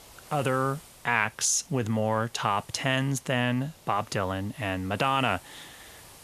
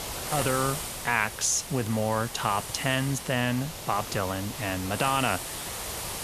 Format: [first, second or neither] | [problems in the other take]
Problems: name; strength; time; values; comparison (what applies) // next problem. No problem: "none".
first | hiss; loud; throughout; 6 dB below the speech; faint in the first